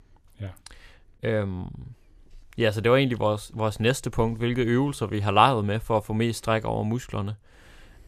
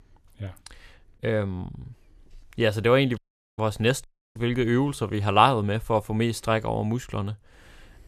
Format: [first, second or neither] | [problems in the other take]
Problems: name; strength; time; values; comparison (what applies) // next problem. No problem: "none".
first | audio cutting out; at 3 s and at 4 s